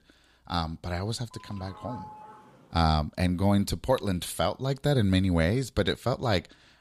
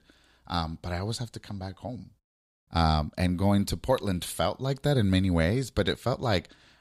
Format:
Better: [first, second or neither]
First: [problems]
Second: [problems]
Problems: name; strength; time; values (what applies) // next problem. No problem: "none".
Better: second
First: doorbell; faint; from 1.5 to 3 s; peak 15 dB below the speech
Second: none